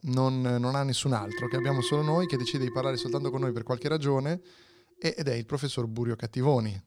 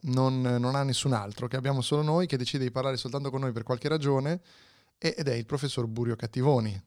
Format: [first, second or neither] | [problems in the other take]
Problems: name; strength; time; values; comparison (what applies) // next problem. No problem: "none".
second | alarm; noticeable; from 1 to 5 s; peak 4 dB below the speech